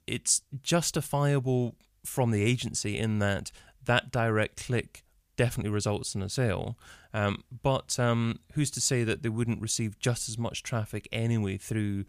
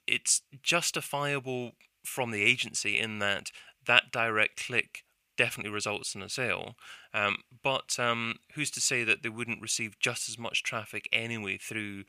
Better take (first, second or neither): first